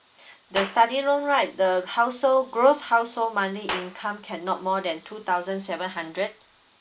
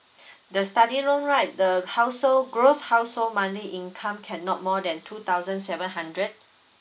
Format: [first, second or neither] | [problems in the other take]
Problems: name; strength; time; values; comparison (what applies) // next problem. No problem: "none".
second | background sound (Clapping); 16 dB below the speech